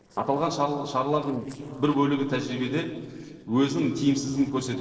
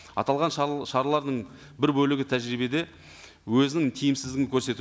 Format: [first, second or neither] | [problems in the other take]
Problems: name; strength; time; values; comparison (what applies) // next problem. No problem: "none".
second | noise reduction (neural separator model SepFormer DNS4)